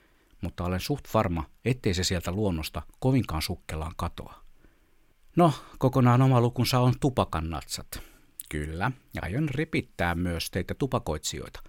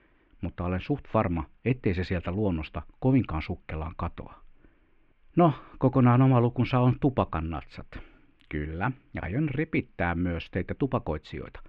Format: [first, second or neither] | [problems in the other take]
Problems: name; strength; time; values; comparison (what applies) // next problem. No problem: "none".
first | muffled; very; fading above 2.5 kHz